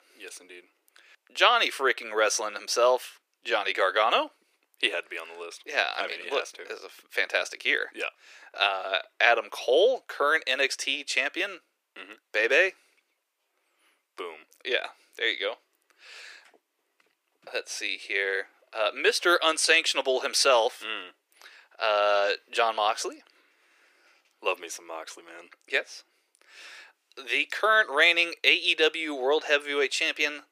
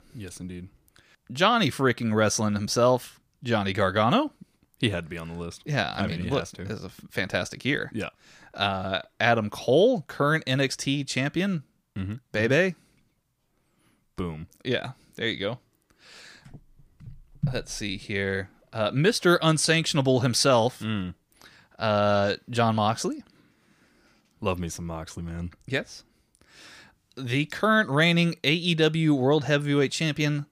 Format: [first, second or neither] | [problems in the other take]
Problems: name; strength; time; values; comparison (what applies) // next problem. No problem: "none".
second | thin; very; fading below 350 Hz